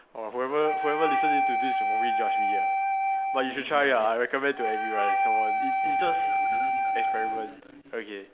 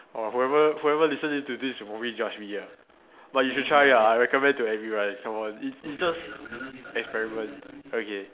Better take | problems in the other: second | background sound (Wind instrument, woodwind instrument); 3 dB above the speech

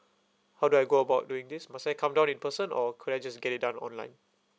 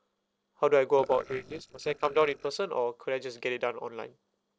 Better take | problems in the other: first | noise reduction (neural separator model SepFormer DNS4)

